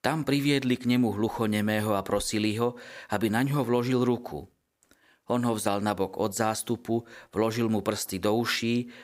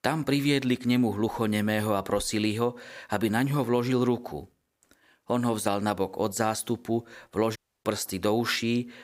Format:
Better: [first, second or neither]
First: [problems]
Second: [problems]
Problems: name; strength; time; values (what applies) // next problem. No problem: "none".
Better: first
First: none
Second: audio cutting out; at 7.5 s